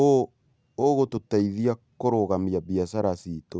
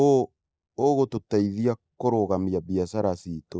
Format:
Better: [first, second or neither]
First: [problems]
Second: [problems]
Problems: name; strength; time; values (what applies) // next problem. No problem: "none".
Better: first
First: none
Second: noise reduction (neural mask model Resemble Enhance denoiser)